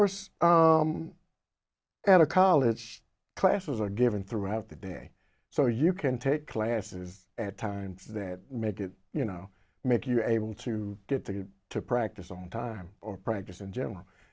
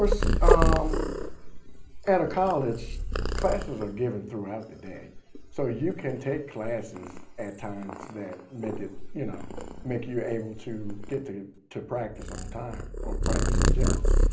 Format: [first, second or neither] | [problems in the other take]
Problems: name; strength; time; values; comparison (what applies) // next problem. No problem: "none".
first | background sound (Purr); 4 dB above the speech // room echo; dies away in 0.5 s